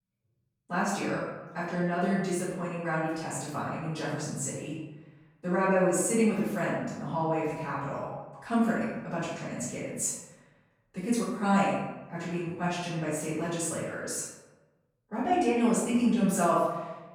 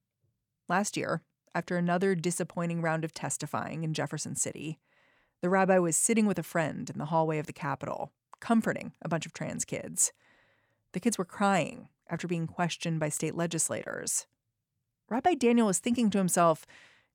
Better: second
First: room echo; strong; dies away in 1 s // off-mic speech; far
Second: none

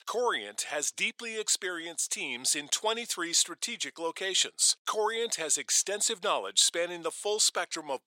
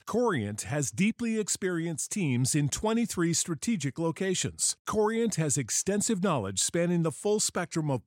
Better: second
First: thin; very; fading below 500 Hz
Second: none

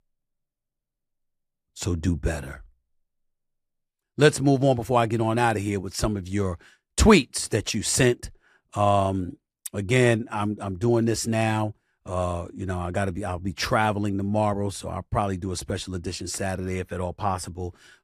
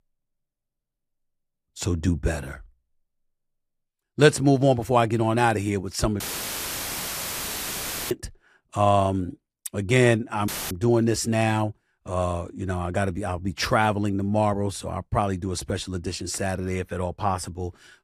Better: first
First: none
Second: audio cutting out; filled with static; at 6 s for 2 s and at 10 s

